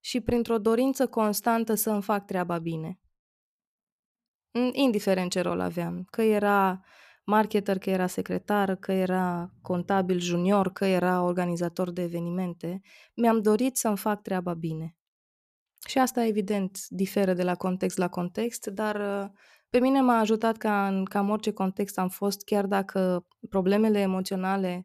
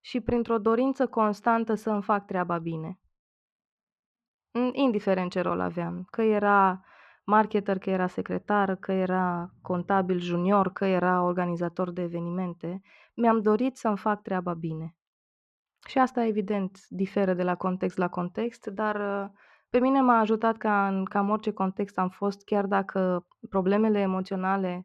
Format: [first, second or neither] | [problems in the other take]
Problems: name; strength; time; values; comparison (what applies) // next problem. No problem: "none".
first | muffled; slightly; fading above 2.5 kHz